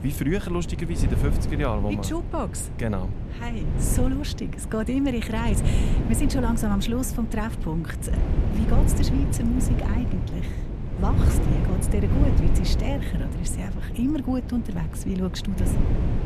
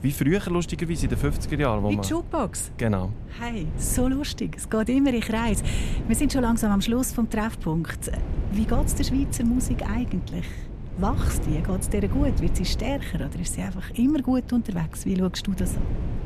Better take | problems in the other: second | wind noise on the microphone; heavy; 5 dB below the speech; occasional gusts in the second

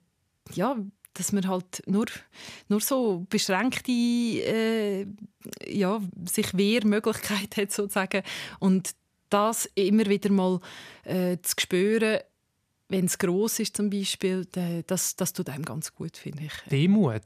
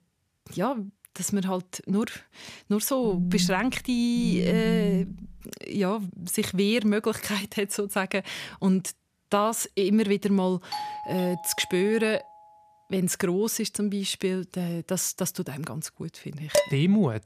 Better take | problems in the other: first | phone ringing; loud; from 3 to 5.5 s; peak 1 dB above the speech // doorbell; noticeable; from 11 to 12 s; peak 7 dB below the speech // clattering dishes; loud; at 17 s; peak 1 dB above the speech

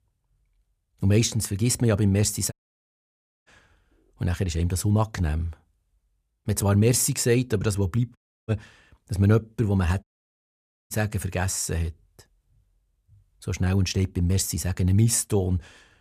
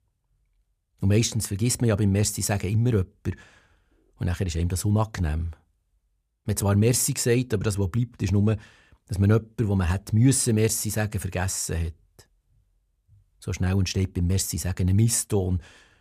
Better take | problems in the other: second | audio cutting out; at 2.5 s for 1 s, at 8 s and at 10 s for 1 s

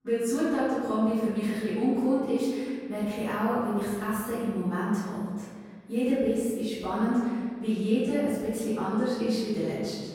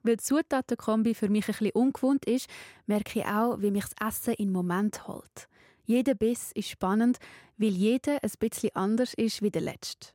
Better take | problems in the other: second | room echo; strong; dies away in 1.6 s // off-mic speech; far

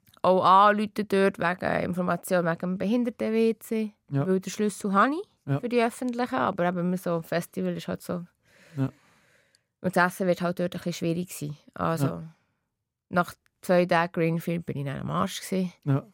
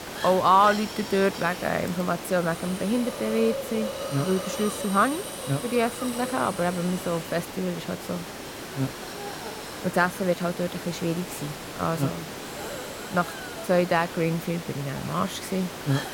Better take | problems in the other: first | hiss; loud; throughout; 8 dB below the speech

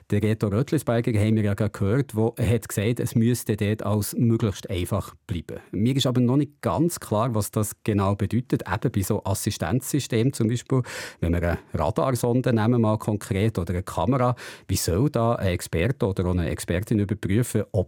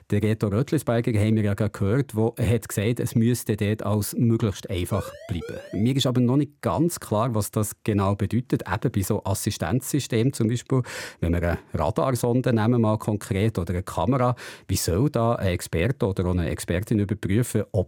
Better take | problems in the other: first | siren; faint; from 5 to 6 s; peak 15 dB below the speech

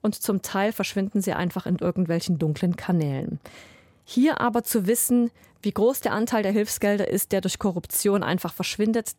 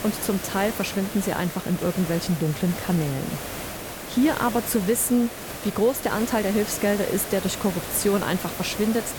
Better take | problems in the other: first | hiss; loud; throughout; 8 dB below the speech

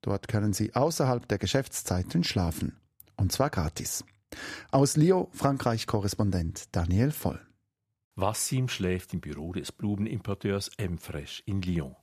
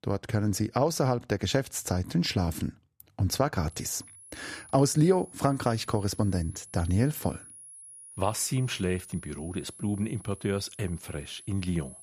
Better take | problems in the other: first | high-pitched whine; noticeable; from 3.5 s on; 10.5 kHz, 20 dB below the speech

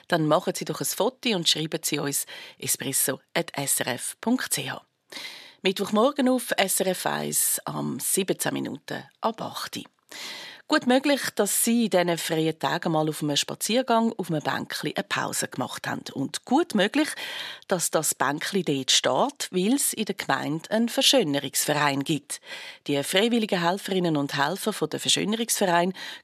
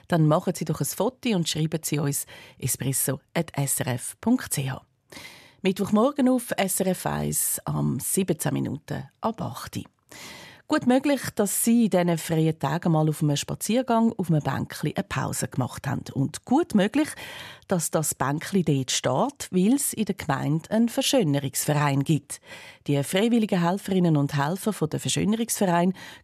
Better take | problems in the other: second | thin; very slightly; fading below 250 Hz

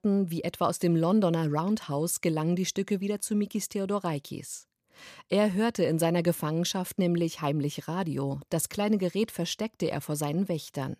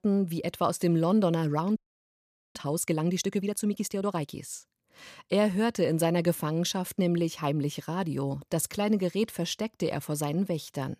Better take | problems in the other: first | audio freezing; at 2 s for 1 s

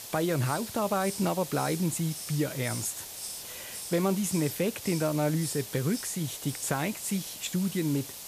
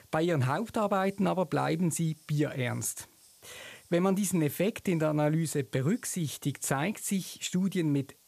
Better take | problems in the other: second | hiss; loud; throughout; 8 dB below the speech; faint in the second

